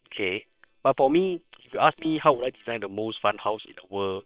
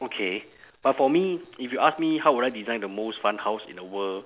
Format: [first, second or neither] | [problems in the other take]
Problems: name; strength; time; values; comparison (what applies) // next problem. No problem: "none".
second | noise reduction (neural separator model SepFormer WHAM!)